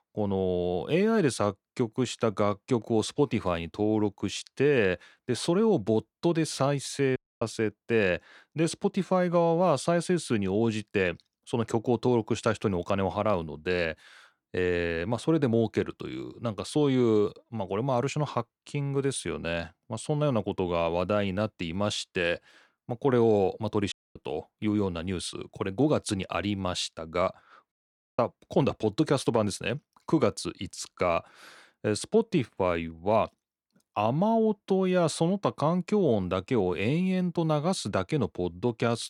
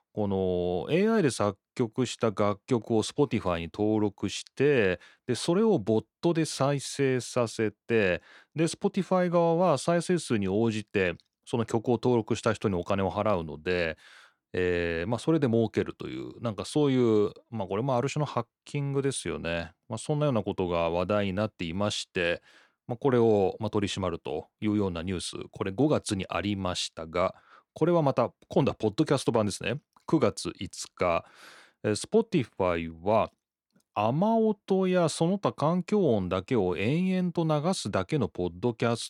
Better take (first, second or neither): second